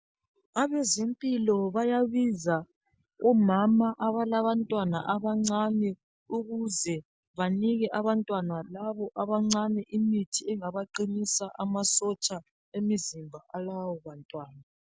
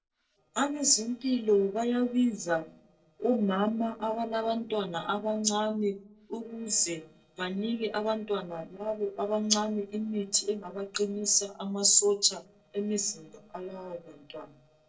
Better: first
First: none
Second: noise reduction (neural separator model SepFormer DNS4)

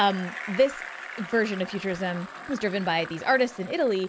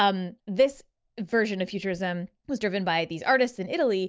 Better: second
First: background sound (Bicycle); 13 dB below the speech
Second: none

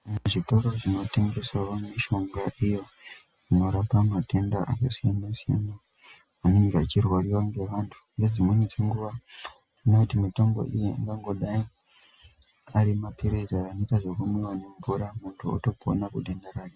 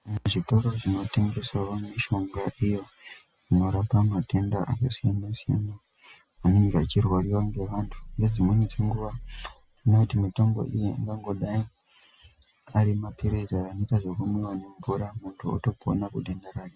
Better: first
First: none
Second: background sound (Growling); 14 dB below the speech

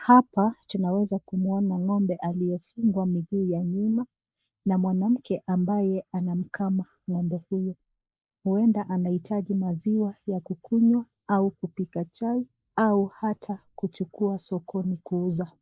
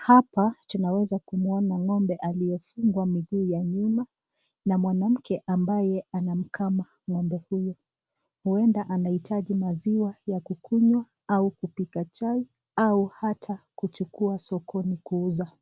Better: second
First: noise reduction (neural mask model Resemble Enhance denoiser)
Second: none

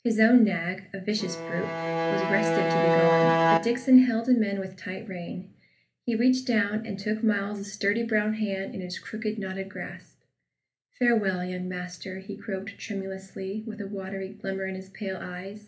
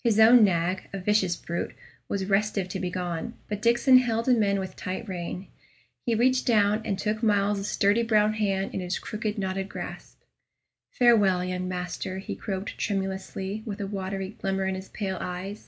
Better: second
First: background sound (Bowed string instrument); 3 dB above the speech // room echo; dies away in 0.3 s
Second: none

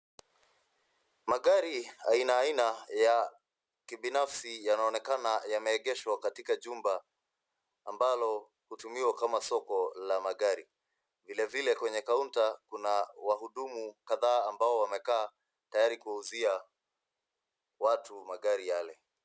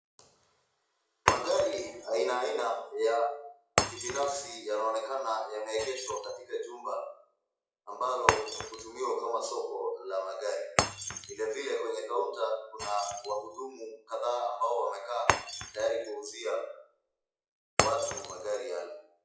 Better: first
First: none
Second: noise reduction (classical method WPE with log-MMSE)

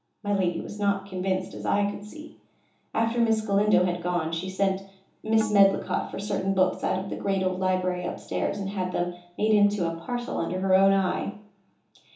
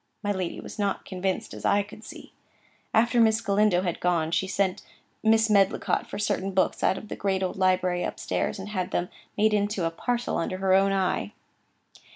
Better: second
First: background sound (Tabla); 19 dB below the speech // room echo; dies away in 1.2 s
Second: none

